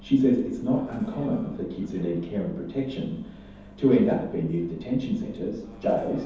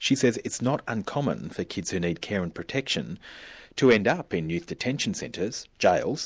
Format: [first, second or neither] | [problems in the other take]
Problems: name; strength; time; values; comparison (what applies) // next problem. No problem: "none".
second | background sound (Bus); 19 dB below the speech // room echo; dies away in 0.9 s